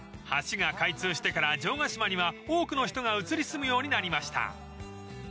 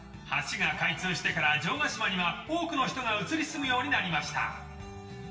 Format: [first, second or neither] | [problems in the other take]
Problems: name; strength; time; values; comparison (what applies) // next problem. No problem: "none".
first | room echo; dies away in 0.9 s